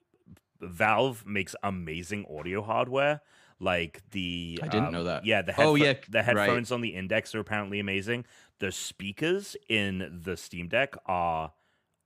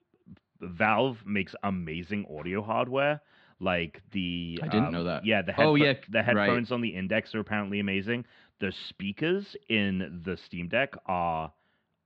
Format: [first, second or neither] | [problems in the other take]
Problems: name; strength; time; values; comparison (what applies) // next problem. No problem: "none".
first | muffled; very slightly; fading above 4.5 kHz